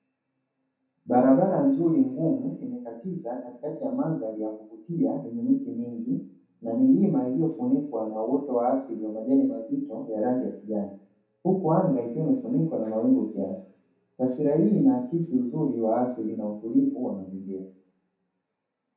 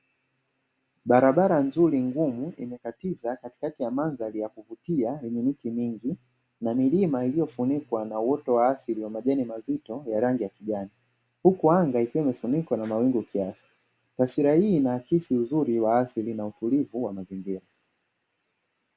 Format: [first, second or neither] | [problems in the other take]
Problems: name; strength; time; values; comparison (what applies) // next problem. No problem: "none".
second | room echo; dies away in 0.7 s